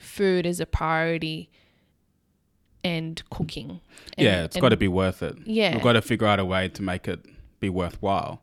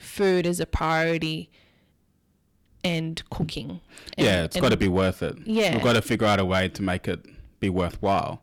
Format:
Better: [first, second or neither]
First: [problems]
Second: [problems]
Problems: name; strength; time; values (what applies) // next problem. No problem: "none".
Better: first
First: none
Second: distortion; slight; 6% of the sound clipped